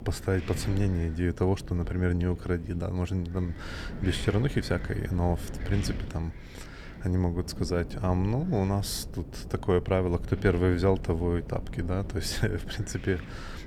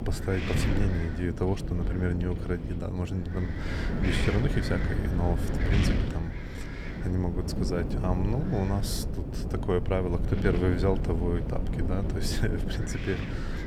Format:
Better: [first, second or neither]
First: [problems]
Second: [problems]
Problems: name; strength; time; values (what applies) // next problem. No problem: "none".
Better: first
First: wind noise on the microphone; occasional gusts; 15 dB below the speech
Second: wind noise on the microphone; heavy; 3 dB below the speech